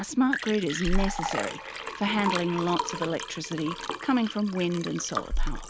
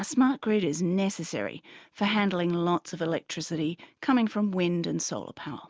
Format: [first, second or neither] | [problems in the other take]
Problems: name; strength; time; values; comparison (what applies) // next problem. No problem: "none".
second | background sound (Liquid); 3 dB below the speech